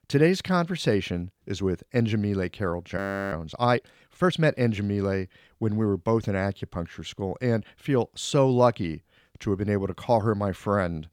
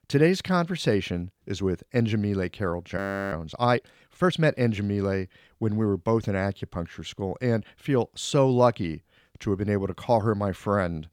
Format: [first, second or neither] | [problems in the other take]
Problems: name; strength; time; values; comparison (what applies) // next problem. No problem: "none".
neither | audio freezing; at 3 s; the same in both